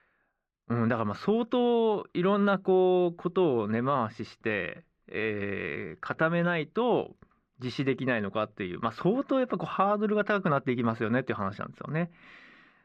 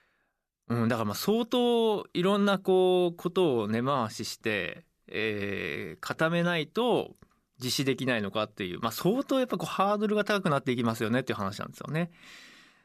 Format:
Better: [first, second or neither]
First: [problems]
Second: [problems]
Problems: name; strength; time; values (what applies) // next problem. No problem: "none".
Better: second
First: muffled; very; fading above 2 kHz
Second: none